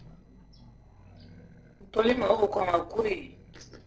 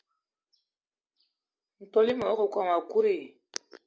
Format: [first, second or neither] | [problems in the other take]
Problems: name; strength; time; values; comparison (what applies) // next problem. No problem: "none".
second | noise reduction (neural separator model SepFormer DNS4)